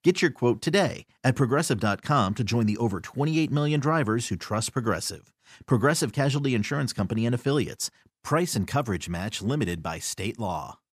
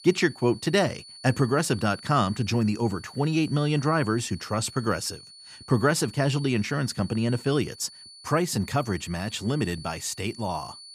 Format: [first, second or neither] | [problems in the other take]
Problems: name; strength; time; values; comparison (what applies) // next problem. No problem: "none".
first | high-pitched whine; noticeable; throughout; 4.5 kHz, 20 dB below the speech